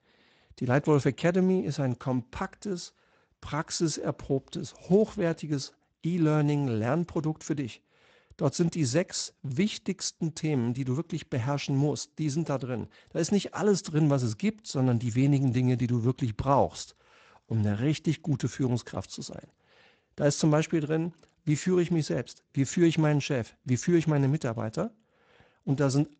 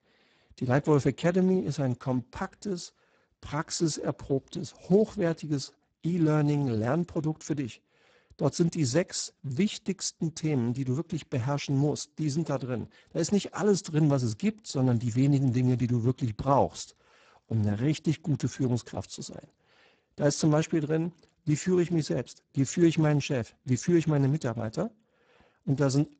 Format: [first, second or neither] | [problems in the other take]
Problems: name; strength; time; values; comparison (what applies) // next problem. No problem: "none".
first | garbled, watery; badly; nothing above 8 kHz; slightly in the first